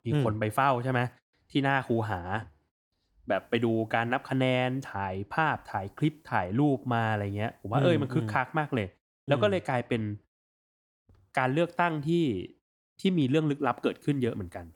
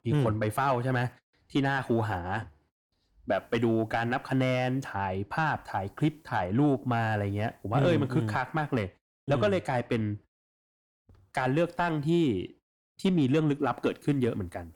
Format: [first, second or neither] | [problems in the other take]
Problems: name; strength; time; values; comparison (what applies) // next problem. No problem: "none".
first | distortion; slight; 10 dB below the speech